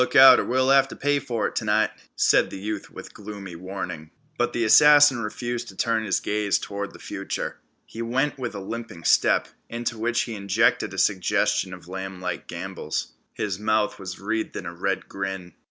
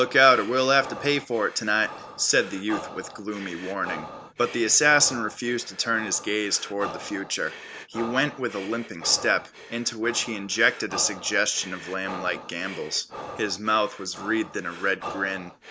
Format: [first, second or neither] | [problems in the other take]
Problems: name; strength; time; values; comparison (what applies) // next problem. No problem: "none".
first | background sound (Breathing); 14 dB below the speech